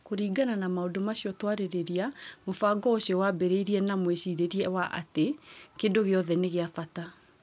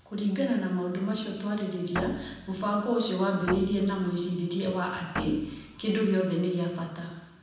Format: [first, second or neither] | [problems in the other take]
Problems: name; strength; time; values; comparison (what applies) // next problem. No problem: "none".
first | background sound (Guitar); 9 dB below the speech // room echo; dies away in 1.1 s